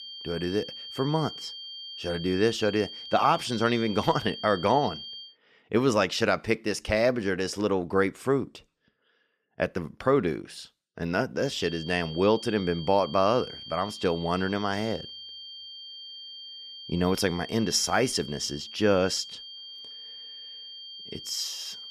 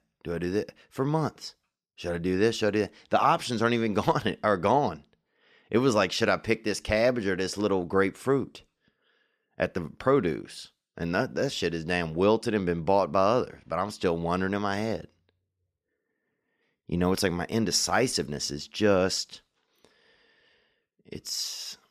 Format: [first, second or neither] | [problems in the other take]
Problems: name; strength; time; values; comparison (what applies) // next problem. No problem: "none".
second | high-pitched whine; noticeable; until 5.5 s and from 11 s on; 3 kHz, 10 dB below the speech